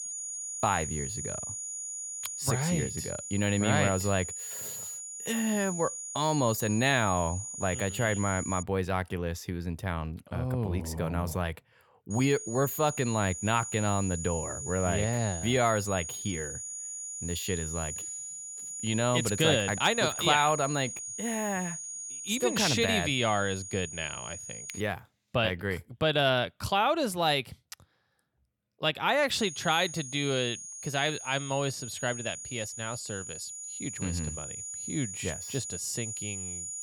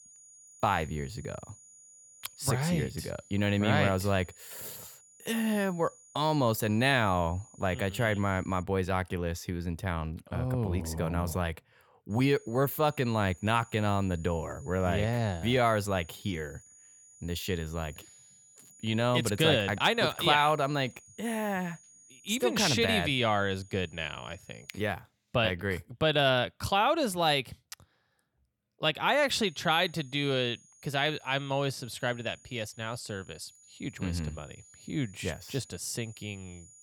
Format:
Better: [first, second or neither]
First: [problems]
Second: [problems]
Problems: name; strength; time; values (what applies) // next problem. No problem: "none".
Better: second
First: high-pitched whine; loud; until 8.5 s, from 12 to 25 s and from 29 s on; 7 kHz, 7 dB below the speech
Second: high-pitched whine; faint; until 8.5 s, from 12 to 25 s and from 29 s on; 7 kHz, 25 dB below the speech